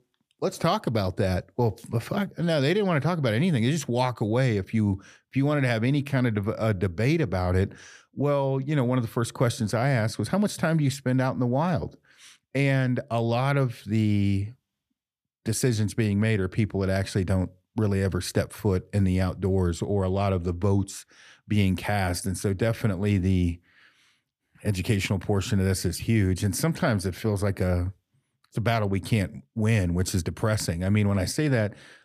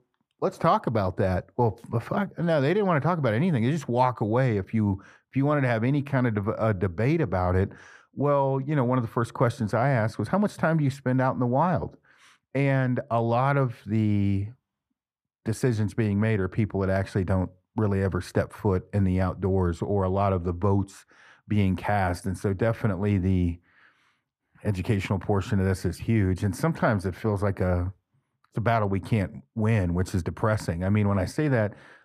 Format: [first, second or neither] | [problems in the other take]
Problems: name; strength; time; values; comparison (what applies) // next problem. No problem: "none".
first | muffled; slightly; fading above 2.5 kHz